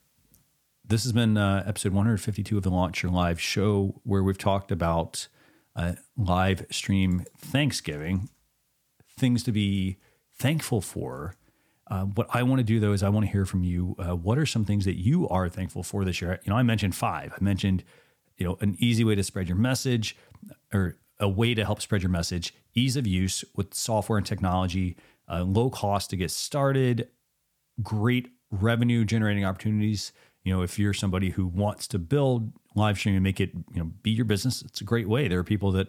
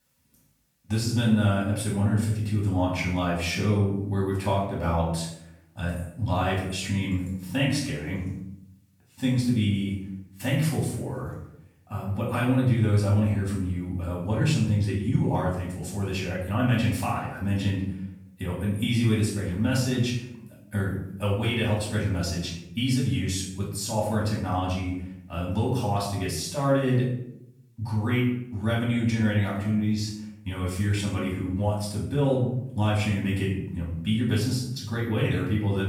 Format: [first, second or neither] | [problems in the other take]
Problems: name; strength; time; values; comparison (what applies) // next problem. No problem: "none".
first | off-mic speech; far // room echo; noticeable; dies away in 0.7 s